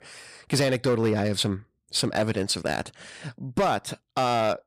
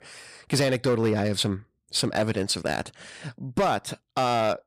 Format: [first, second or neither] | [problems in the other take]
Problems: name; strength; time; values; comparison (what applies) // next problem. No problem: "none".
neither | distortion; slight; 6% of the sound clipped; the same in both